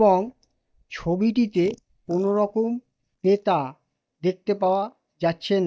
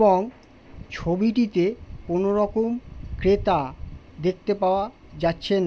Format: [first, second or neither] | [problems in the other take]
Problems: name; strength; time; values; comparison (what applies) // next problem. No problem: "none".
second | noise reduction (neural mask model DeepFilterNet 3)